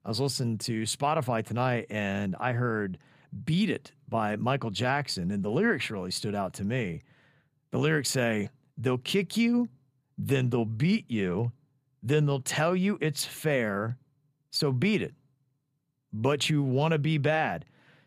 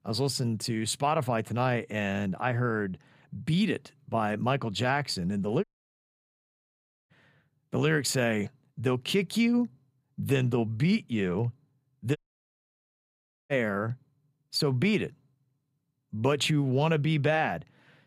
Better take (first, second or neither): first